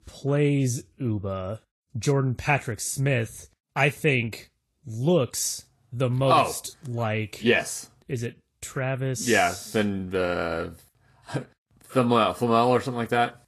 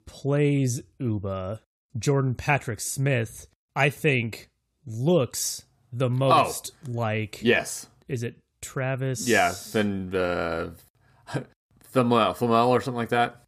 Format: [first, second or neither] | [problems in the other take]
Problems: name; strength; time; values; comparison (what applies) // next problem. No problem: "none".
second | garbled, watery; slightly; nothing above 12.5 kHz